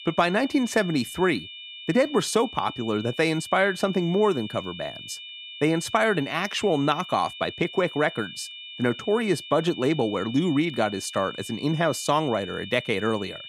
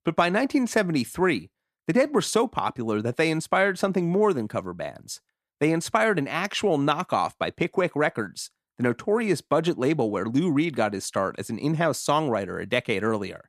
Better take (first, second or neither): second